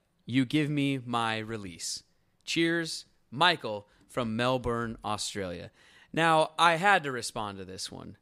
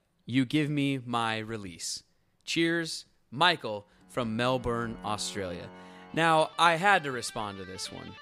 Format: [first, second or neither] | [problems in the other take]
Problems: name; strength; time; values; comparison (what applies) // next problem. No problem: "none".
first | background music; noticeable; from 4.5 s on; 20 dB below the speech